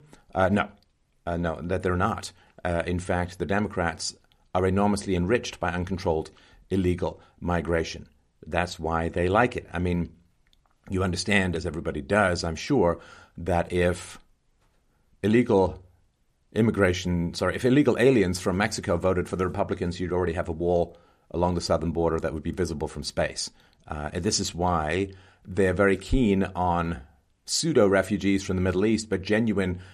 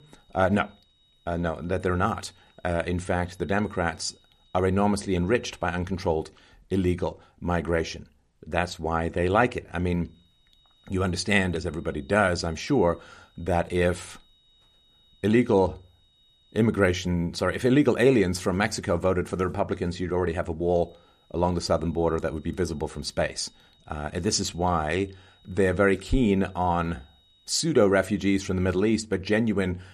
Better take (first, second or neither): first